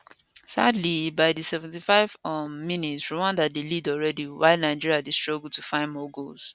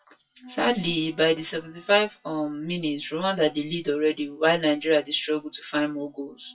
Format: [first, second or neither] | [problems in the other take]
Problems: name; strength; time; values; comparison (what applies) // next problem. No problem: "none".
first | noise reduction (classical method WPE with log-MMSE)